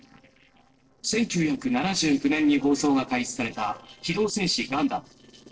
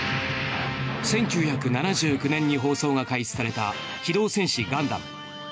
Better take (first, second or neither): second